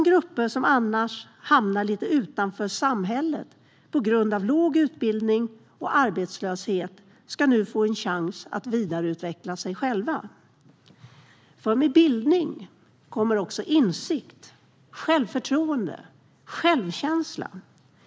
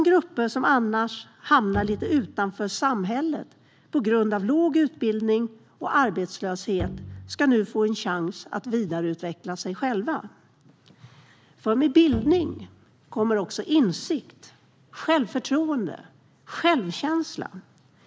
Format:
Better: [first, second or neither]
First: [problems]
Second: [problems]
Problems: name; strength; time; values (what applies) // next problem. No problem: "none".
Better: first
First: none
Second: background sound (Bowed string instrument); 13 dB below the speech